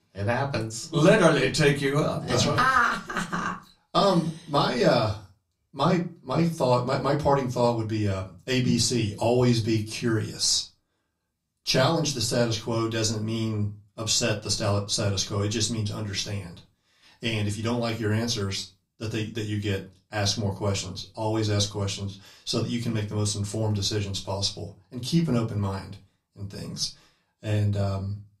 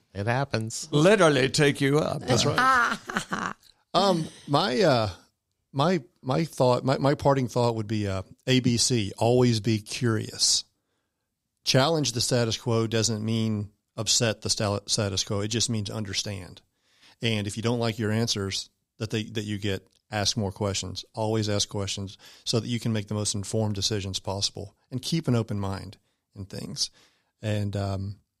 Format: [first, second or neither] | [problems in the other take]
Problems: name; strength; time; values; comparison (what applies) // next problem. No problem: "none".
second | off-mic speech; far // room echo; very slight; dies away in 0.2 s